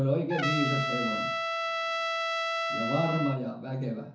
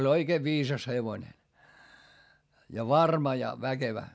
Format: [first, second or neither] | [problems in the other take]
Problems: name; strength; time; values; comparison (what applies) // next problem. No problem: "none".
second | background sound (Trumpet); as loud as the speech // room echo; dies away in 0.7 s